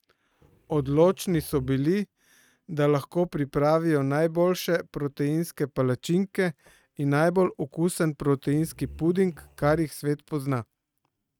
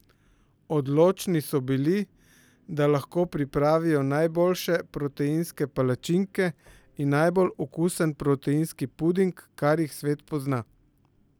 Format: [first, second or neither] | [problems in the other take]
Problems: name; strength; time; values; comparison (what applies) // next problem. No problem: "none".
second | noise reduction (neural mask model RNNoise)